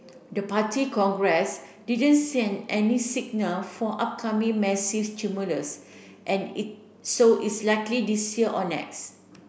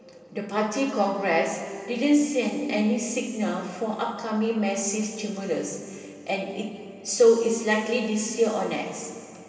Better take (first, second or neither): first